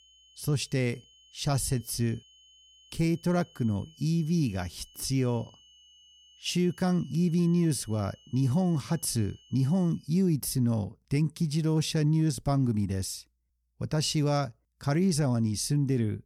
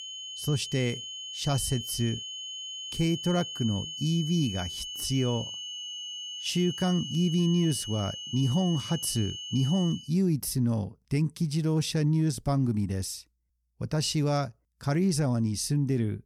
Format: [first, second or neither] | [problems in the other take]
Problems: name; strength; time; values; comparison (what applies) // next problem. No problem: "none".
first | high-pitched whine; loud; until 10 s; 3 kHz, 7 dB below the speech; faint in the first